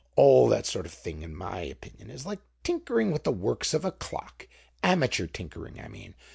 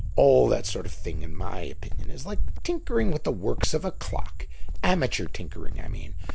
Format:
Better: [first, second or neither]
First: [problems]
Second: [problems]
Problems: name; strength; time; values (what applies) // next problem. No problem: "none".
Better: first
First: none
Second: background sound (Cricket); 3 dB above the speech